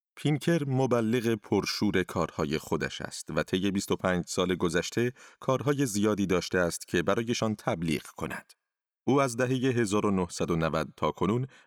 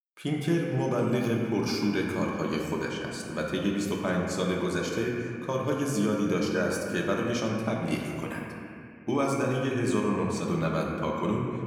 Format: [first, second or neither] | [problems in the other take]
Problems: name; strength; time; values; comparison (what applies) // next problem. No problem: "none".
first | room echo; noticeable; dies away in 2.2 s // off-mic speech; somewhat distant